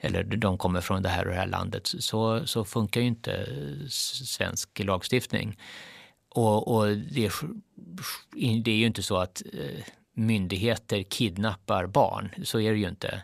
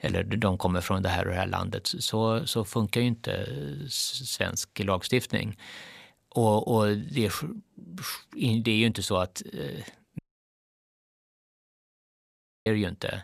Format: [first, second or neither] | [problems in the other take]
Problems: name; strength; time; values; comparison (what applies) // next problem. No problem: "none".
first | audio cutting out; at 10 s for 2.5 s